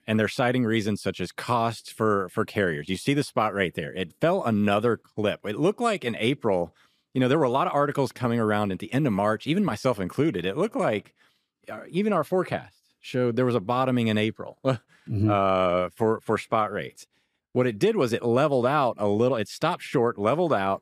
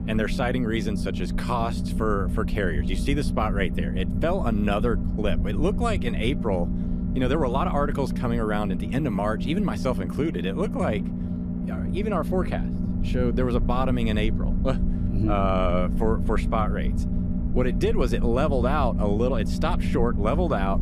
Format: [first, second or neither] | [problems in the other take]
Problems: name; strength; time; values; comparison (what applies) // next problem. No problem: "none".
first | low rumble; loud; throughout; 9 dB below the speech